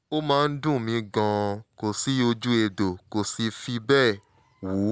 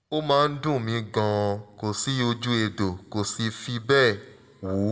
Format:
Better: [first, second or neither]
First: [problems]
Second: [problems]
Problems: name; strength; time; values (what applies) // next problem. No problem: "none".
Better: first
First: none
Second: room echo; dies away in 1 s